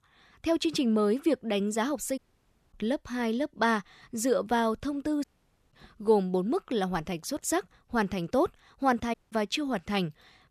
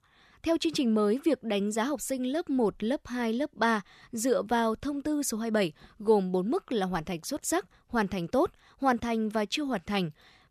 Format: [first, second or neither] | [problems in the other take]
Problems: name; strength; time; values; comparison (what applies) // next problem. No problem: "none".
second | audio cutting out; at 2 s for 0.5 s, at 5 s and at 9 s